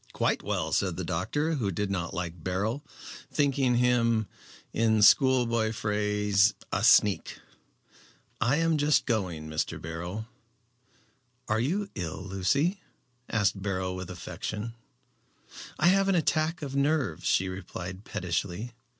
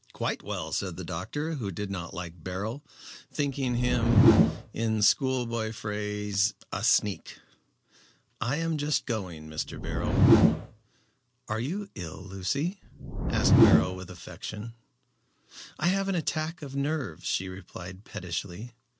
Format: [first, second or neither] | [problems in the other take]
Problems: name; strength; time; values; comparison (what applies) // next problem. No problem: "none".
first | background sound (Whoosh, swoosh, swish); 5 dB above the speech